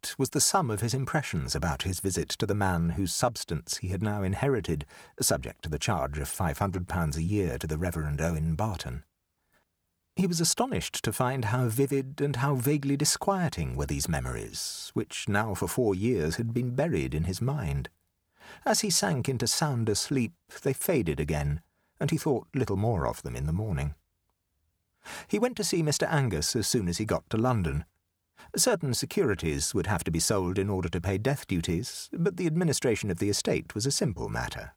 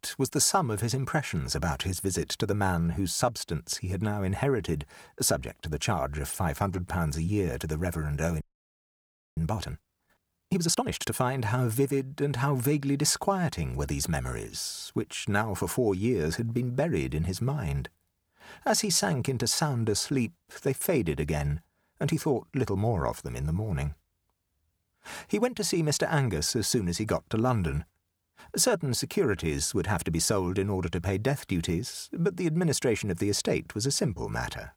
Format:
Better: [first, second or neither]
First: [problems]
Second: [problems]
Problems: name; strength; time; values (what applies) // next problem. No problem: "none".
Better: first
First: none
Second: audio freezing; at 8.5 s for 1 s